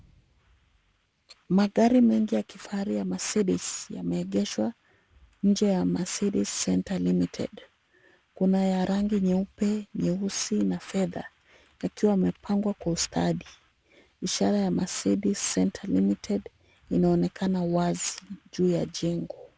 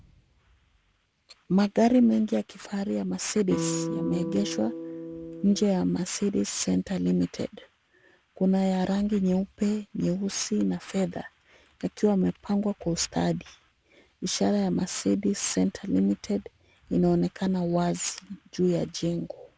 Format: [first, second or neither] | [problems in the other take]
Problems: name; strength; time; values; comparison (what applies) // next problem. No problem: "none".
first | background sound (Electric guitar); 5 dB below the speech